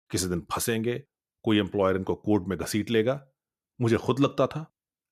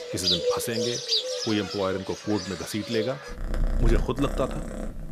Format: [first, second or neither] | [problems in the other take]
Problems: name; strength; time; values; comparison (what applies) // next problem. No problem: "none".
first | animal sounds; very loud; throughout; as loud as the speech